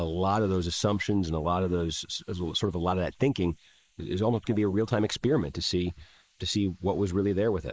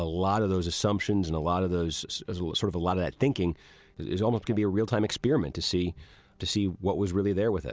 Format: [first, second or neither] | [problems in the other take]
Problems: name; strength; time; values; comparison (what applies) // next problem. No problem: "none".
second | noise reduction (neural mask model Resemble Enhance denoiser)